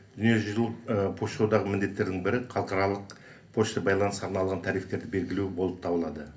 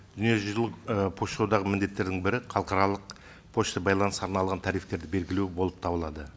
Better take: second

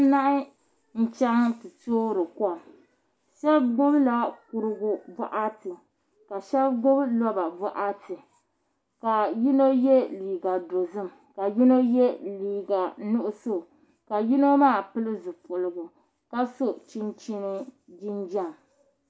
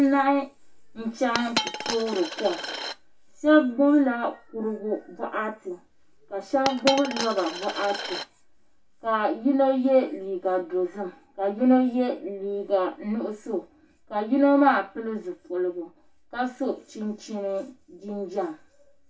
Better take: first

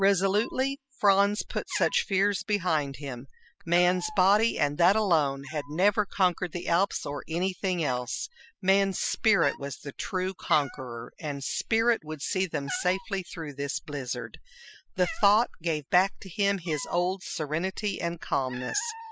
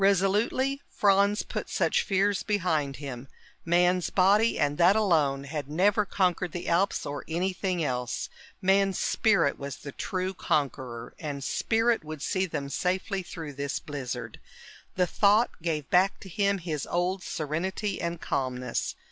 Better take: second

